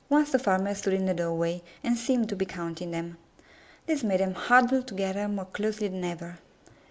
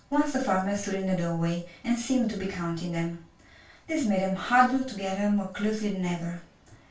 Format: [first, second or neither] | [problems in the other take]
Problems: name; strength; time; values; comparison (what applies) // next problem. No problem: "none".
first | room echo; dies away in 0.2 s